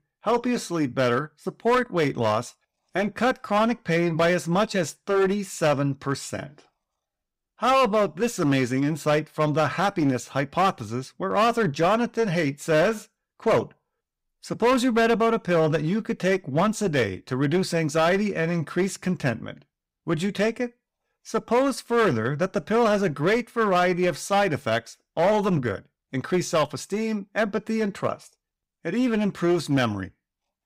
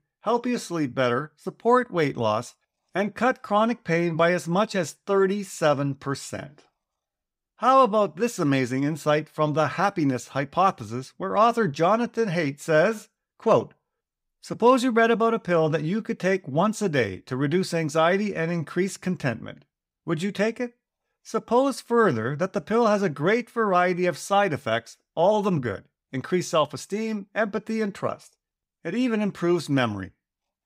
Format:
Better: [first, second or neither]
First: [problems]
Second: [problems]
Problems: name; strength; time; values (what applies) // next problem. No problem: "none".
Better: second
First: distortion; slight; 8% of the sound clipped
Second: none